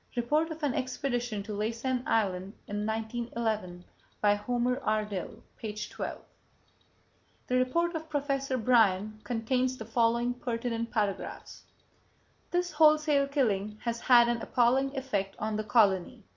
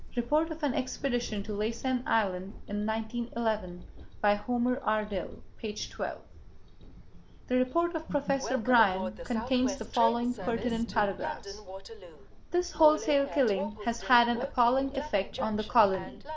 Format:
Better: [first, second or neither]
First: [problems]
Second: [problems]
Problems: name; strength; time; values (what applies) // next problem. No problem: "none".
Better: first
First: none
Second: background sound (Train); 11 dB below the speech